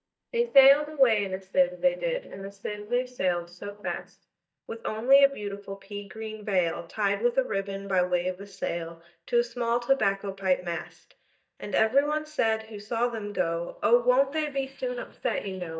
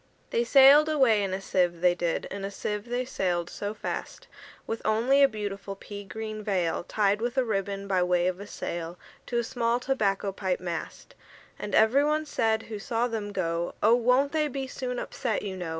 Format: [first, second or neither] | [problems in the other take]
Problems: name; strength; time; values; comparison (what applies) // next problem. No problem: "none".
second | noise reduction (neural mask model DeepFilterNet 3)